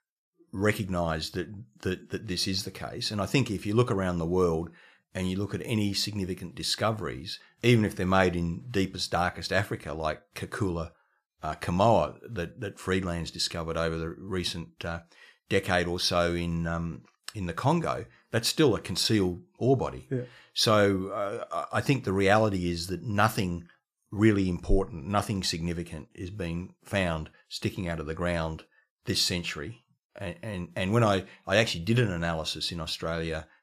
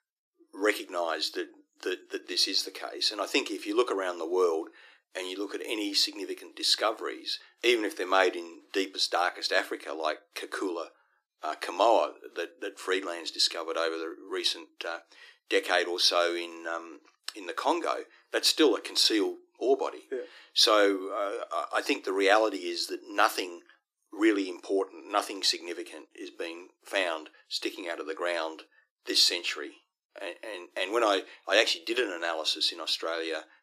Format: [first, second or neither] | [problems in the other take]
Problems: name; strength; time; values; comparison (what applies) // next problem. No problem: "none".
first | thin; somewhat; fading below 300 Hz